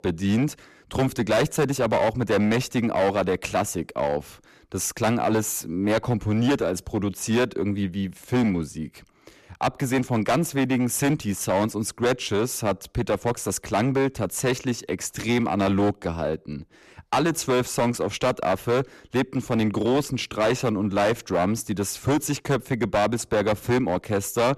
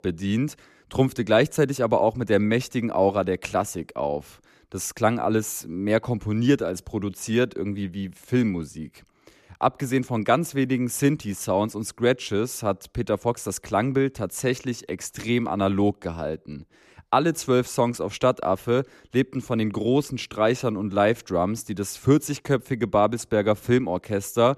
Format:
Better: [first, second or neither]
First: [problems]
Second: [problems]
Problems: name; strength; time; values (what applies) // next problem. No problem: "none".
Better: second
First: distortion; heavy; 11% of the sound clipped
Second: none